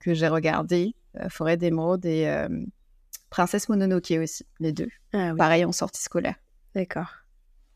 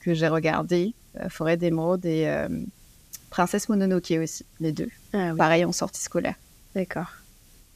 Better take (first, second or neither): first